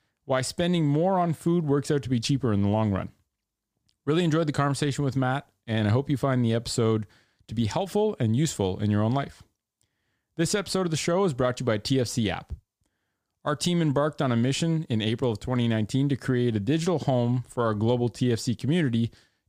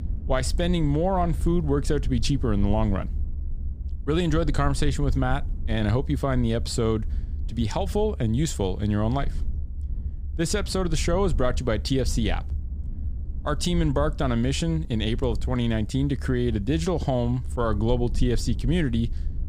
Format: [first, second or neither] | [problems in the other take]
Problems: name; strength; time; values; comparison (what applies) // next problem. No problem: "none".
first | low rumble; faint; throughout; 20 dB below the speech